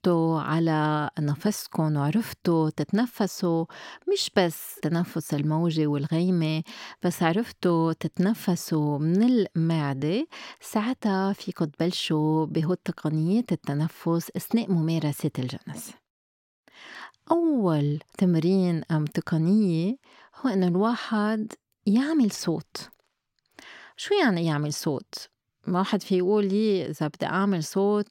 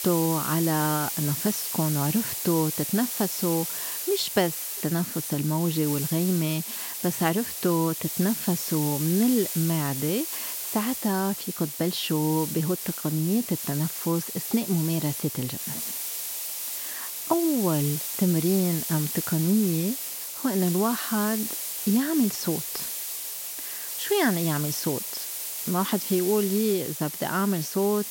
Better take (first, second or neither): first